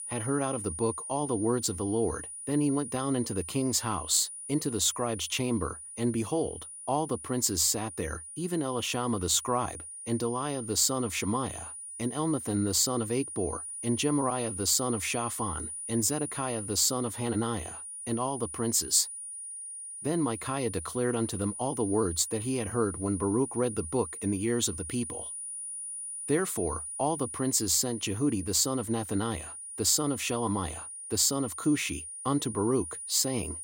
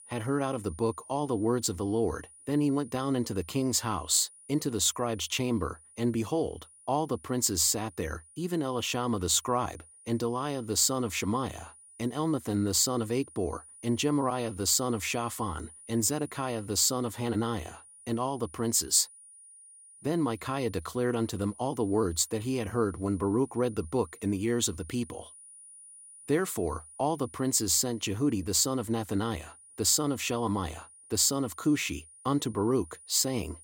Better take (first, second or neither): second